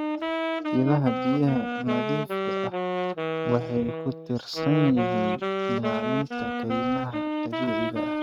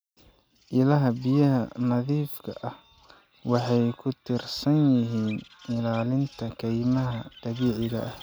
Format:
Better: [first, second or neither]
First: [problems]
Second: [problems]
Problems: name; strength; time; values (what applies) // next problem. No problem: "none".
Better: second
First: noise reduction (neural mask model RNNoise)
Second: none